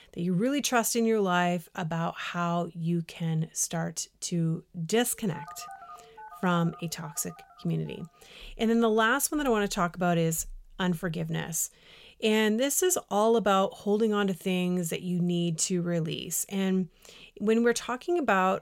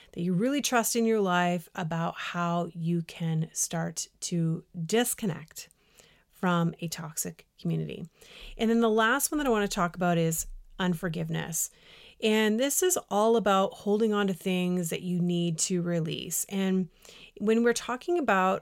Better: second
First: phone ringing; faint; from 5 to 8 s; peak 15 dB below the speech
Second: none

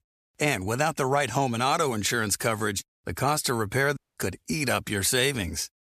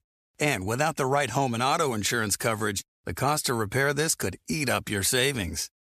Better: second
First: audio cutting out; at 4 s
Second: none

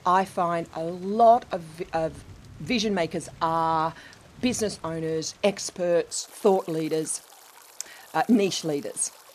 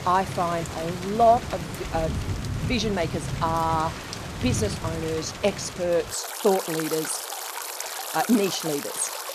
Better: first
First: rain or running water; faint; throughout; 25 dB below the speech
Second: rain or running water; loud; throughout; 6 dB below the speech

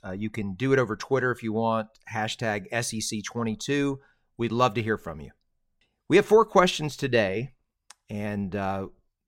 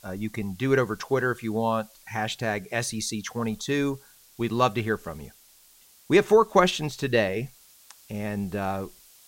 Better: first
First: none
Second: hiss; faint; throughout; 25 dB below the speech

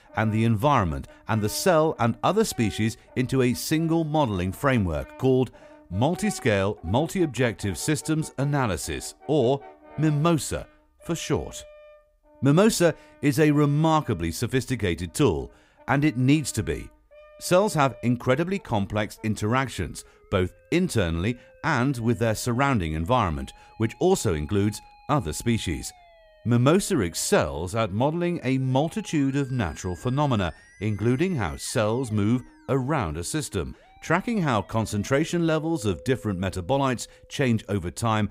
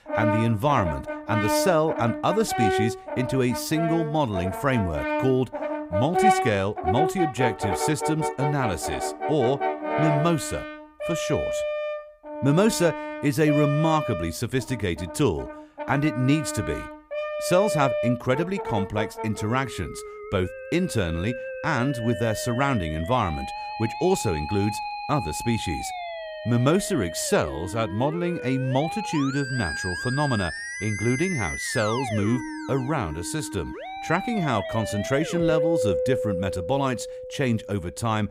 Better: first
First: background music; faint; throughout; 25 dB below the speech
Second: background music; loud; throughout; 4 dB below the speech

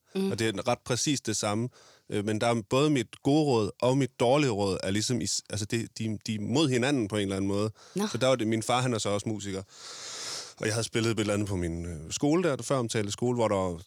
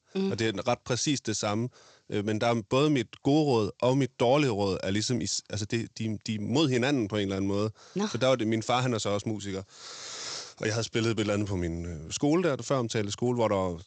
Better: first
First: none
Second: garbled, watery; slightly; nothing above 8 kHz

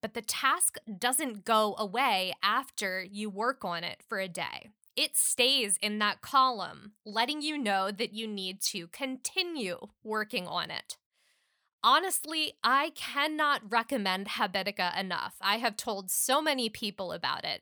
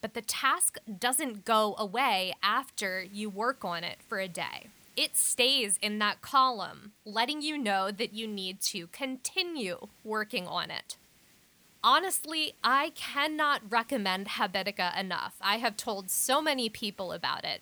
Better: first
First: none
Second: hiss; faint; throughout; 30 dB below the speech

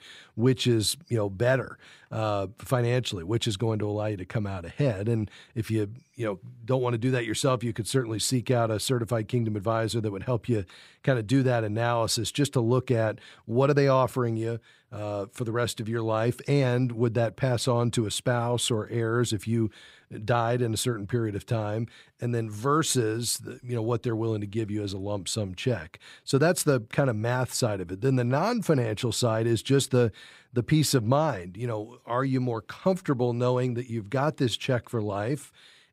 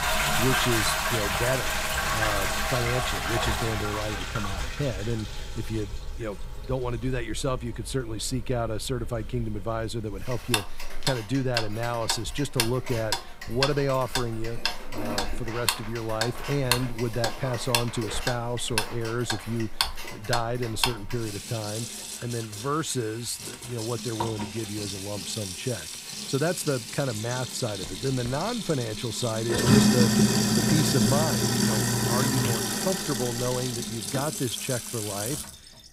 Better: first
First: none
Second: household noises; very loud; throughout; 2 dB above the speech

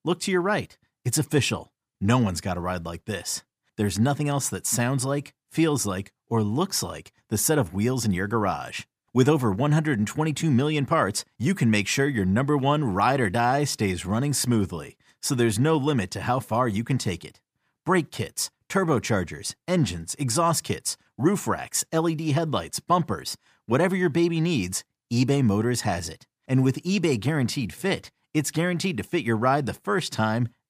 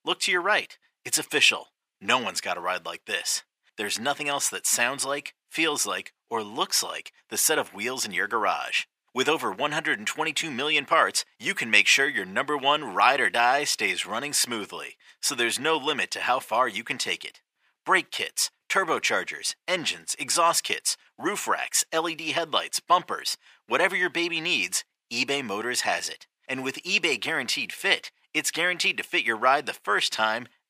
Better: first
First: none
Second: thin; very; fading below 550 Hz

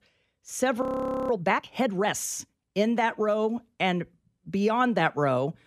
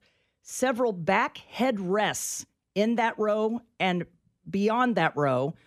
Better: second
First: audio freezing; at 1 s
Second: none

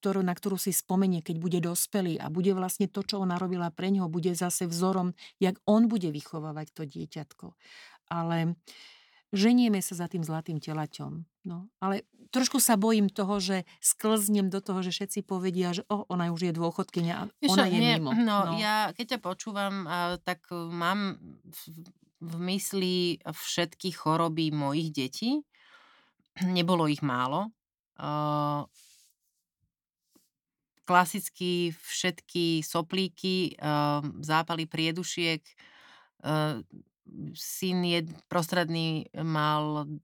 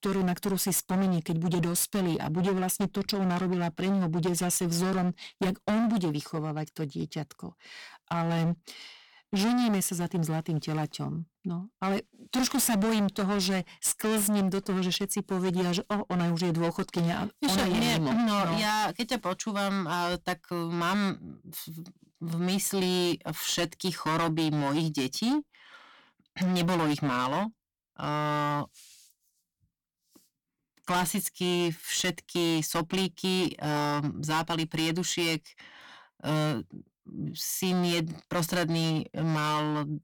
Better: first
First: none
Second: distortion; heavy; 18% of the sound clipped

